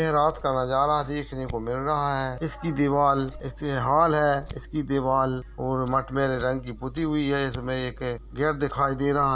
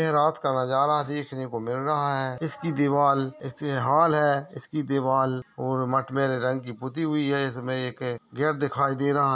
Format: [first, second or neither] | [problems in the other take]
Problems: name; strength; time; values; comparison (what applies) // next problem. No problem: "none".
second | background sound (Scissors); 16 dB below the speech